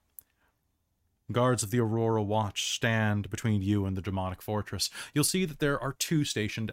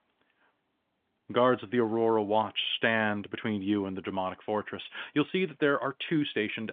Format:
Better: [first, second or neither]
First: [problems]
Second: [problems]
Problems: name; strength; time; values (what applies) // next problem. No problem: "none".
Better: first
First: none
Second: phone-call audio; nothing above 3.5 kHz